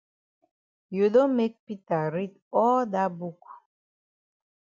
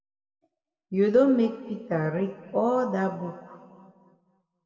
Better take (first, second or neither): first